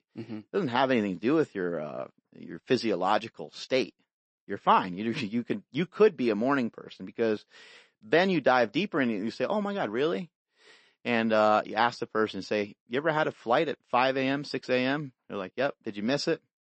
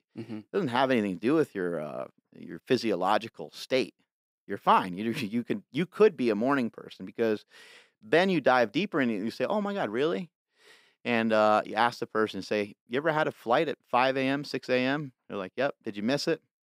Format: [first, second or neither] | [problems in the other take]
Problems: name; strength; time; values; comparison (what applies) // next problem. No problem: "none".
second | garbled, watery; slightly; nothing above 8 kHz